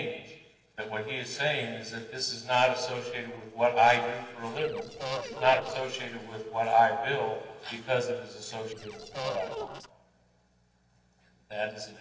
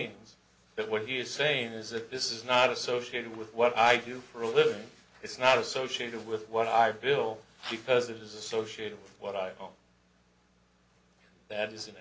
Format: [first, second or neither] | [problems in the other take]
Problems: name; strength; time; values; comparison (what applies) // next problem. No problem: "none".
second | noise reduction (neural separator model SepFormer DNS4)